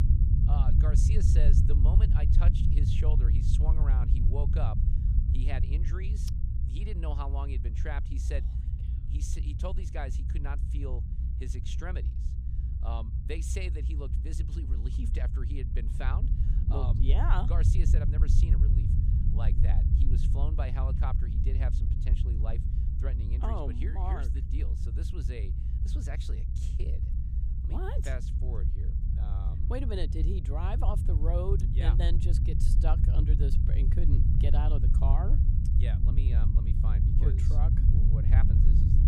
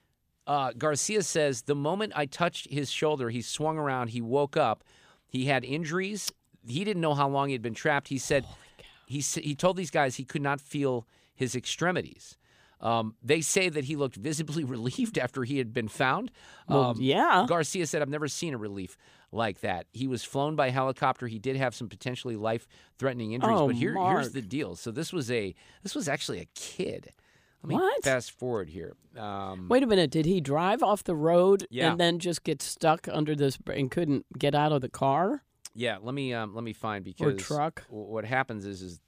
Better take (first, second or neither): second